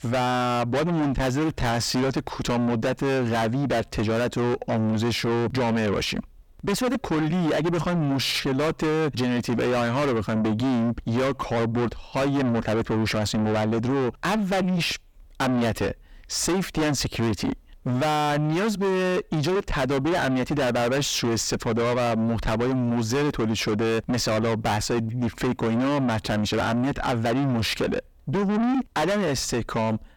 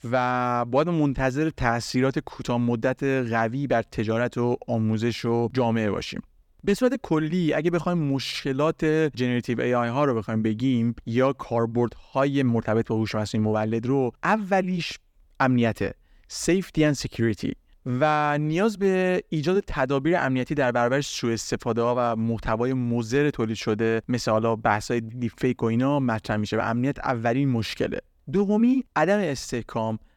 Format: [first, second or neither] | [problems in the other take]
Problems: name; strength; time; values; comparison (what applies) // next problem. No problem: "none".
second | distortion; heavy; 5 dB below the speech